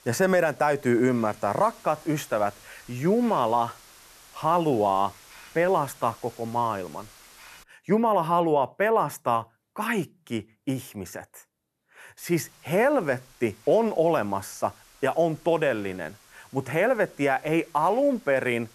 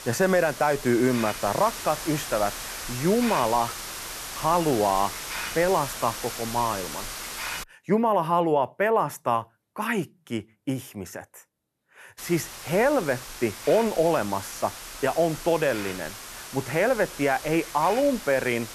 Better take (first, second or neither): first